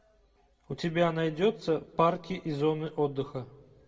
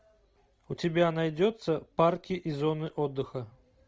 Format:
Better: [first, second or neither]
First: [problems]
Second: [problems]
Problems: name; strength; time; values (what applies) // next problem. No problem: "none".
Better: second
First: room echo; dies away in 0.2 s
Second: none